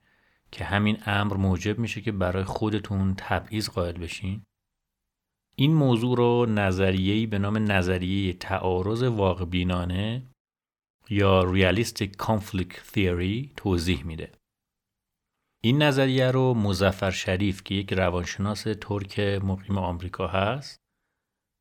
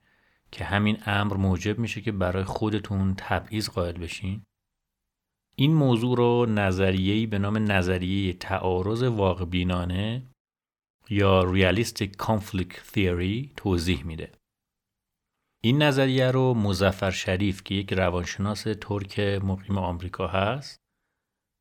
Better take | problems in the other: neither | none

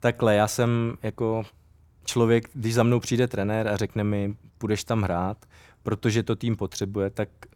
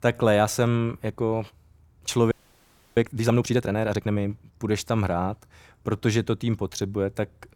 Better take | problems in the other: first | audio freezing; at 2.5 s for 0.5 s

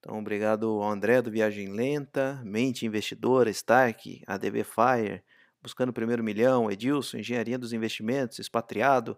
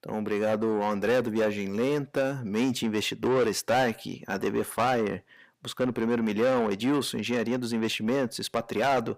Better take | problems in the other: first | distortion; heavy; 7 dB below the speech

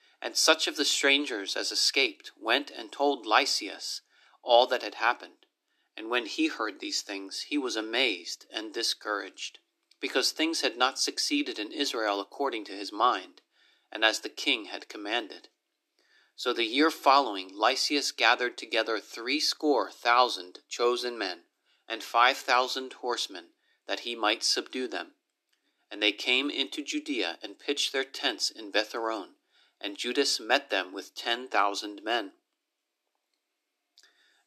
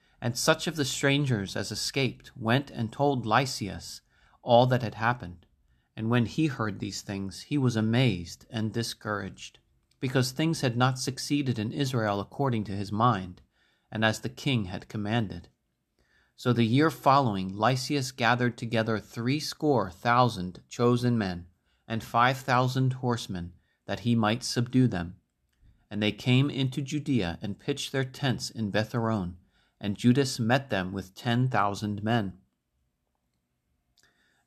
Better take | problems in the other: second | thin; somewhat; fading below 300 Hz

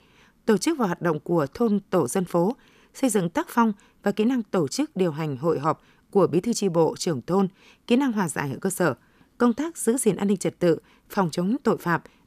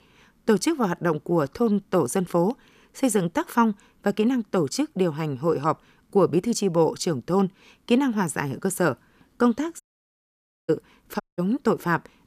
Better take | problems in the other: first | audio cutting out; at 10 s for 1 s and at 11 s

